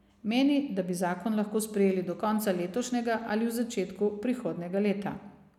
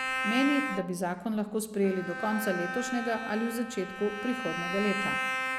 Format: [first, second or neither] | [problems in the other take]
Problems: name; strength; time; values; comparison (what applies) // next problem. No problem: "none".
first | background sound (Bowed string instrument); 4 dB below the speech